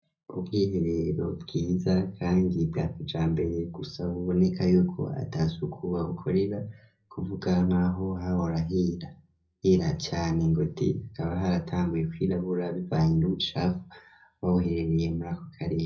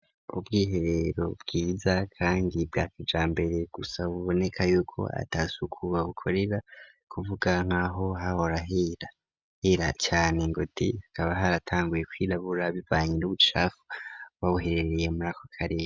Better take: second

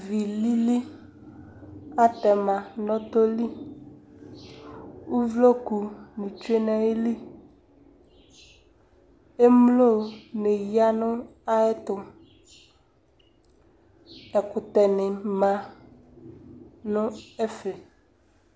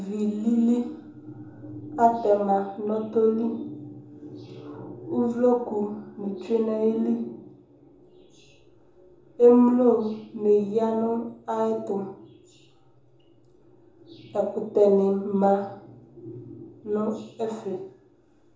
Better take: first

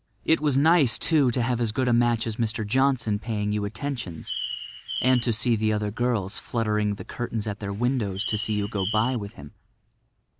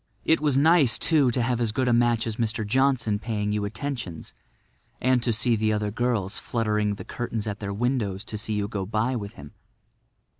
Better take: second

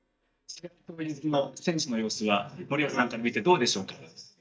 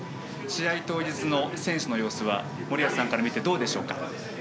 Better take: second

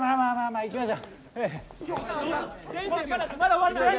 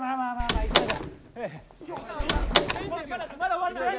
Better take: first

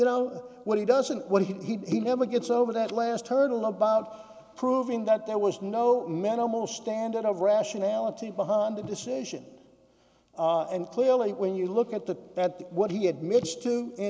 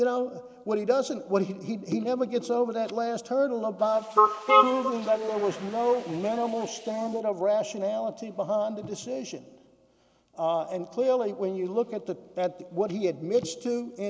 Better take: first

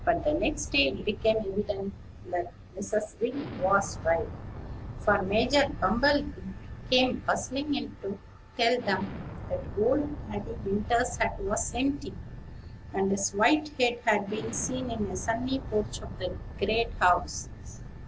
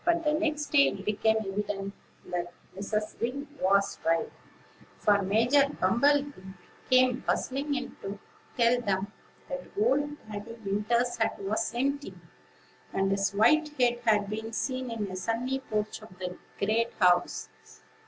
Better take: second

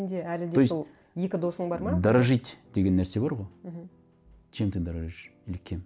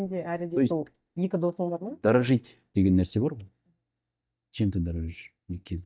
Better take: first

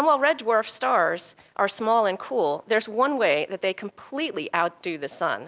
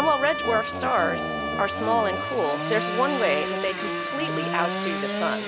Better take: first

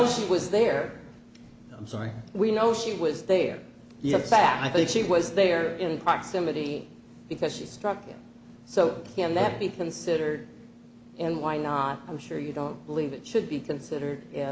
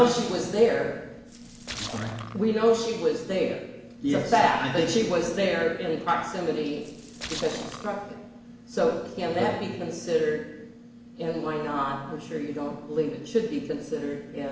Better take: first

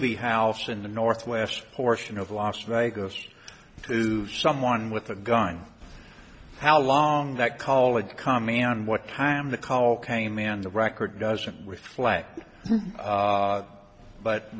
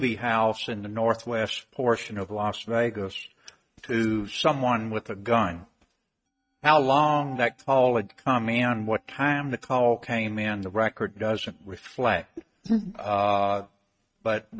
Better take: first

